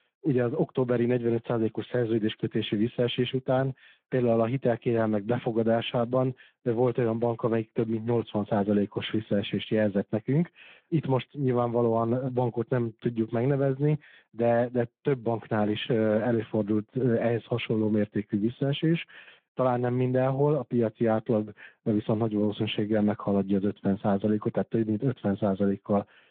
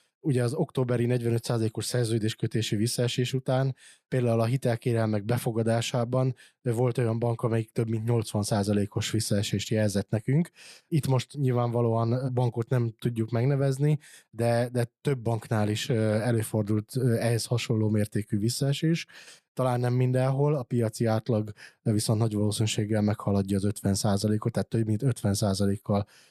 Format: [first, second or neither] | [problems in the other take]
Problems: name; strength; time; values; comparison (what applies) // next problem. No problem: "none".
second | phone-call audio